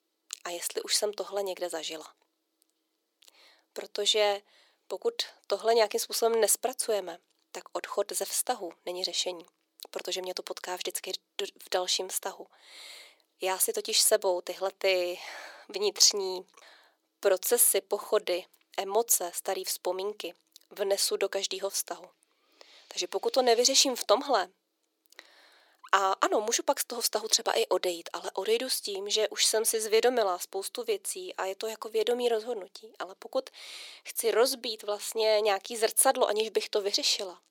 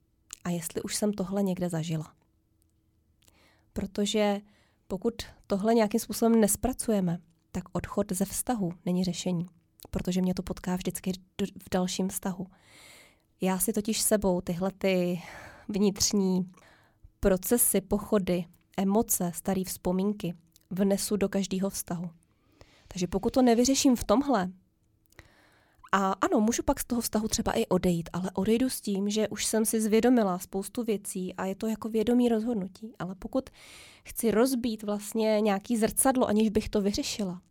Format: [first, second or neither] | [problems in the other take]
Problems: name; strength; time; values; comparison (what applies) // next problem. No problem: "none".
second | thin; very; fading below 400 Hz